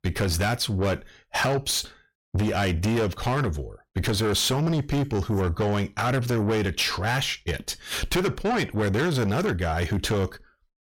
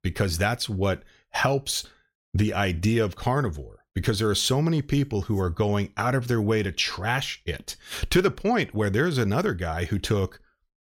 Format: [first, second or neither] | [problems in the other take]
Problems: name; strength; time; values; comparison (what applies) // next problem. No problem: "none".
second | distortion; heavy; 8 dB below the speech